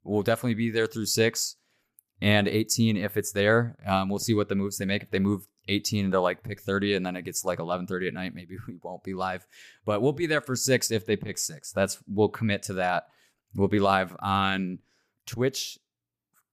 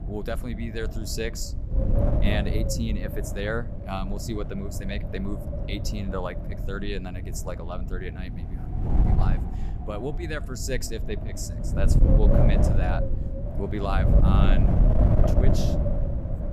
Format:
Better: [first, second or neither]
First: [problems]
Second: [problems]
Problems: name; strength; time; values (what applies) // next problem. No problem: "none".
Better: first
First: none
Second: wind noise on the microphone; heavy; as loud as the speech